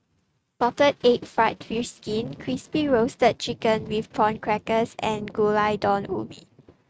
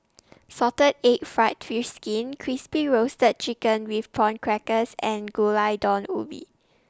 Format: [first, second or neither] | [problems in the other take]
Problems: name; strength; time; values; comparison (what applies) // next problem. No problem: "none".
second | noise reduction (neural mask model RNNoise)